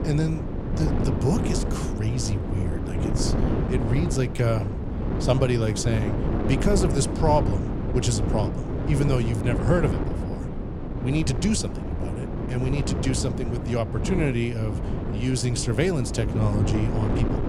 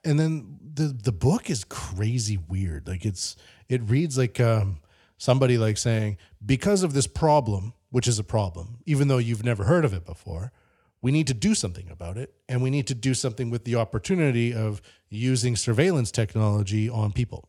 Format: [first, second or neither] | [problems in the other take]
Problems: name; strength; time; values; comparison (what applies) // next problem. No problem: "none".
second | wind noise on the microphone; heavy; 4 dB below the speech